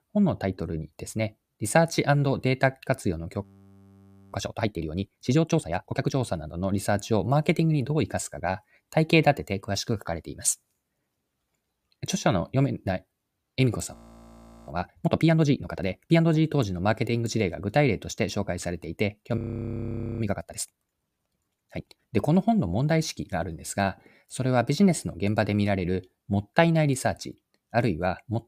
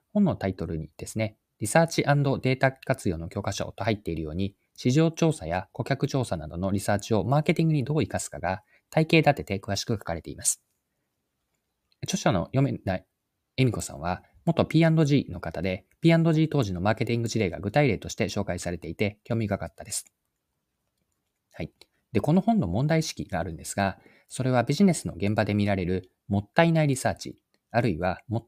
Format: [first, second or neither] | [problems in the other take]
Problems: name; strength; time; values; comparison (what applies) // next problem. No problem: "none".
second | audio freezing; at 3.5 s for 1 s, at 14 s for 0.5 s and at 19 s for 1 s